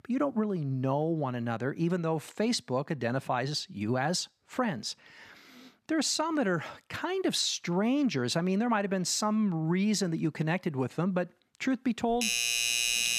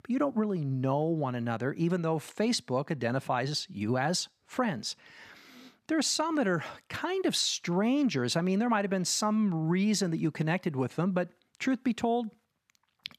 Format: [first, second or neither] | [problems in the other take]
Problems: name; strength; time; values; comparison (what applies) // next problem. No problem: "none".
second | doorbell; loud; from 12 s on; peak 5 dB above the speech